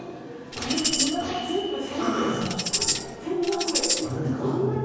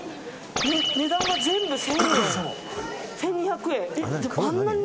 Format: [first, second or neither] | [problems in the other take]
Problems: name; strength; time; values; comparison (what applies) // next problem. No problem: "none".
second | background sound (Tambourine); as loud as the speech // room echo; dies away in 1.3 s